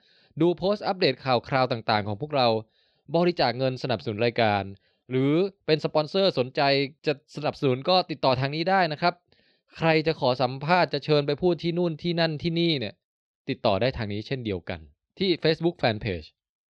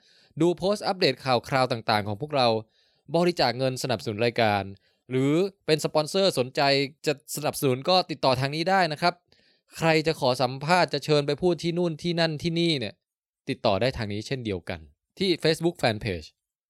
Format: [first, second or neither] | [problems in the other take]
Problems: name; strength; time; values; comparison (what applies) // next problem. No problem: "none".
second | muffled; very slightly; fading above 4 kHz